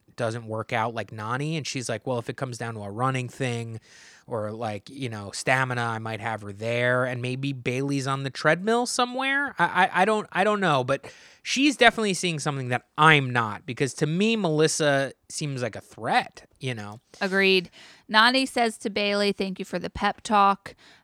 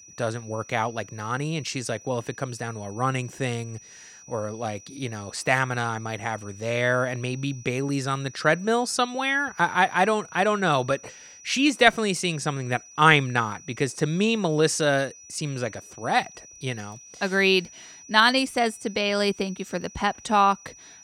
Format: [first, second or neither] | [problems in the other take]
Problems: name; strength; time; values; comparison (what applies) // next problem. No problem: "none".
first | high-pitched whine; faint; throughout; 6 kHz, 20 dB below the speech